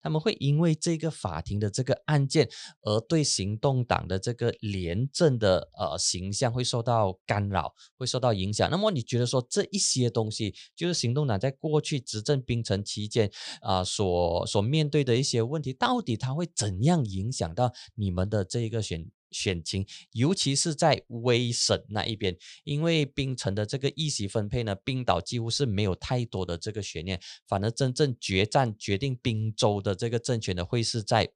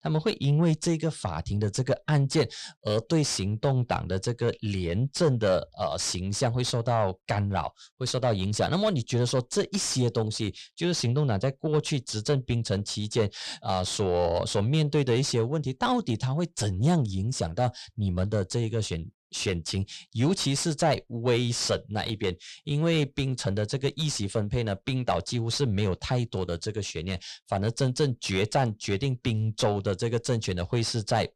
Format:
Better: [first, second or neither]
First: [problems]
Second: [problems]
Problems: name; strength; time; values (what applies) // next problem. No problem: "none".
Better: first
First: none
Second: distortion; slight; 10 dB below the speech